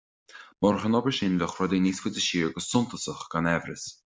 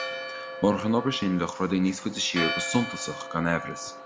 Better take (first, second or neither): first